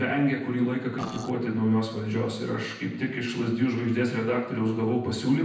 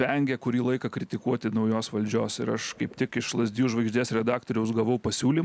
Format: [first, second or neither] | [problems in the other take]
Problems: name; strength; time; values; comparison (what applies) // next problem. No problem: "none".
second | noise reduction (neural separator model SepFormer DNS4)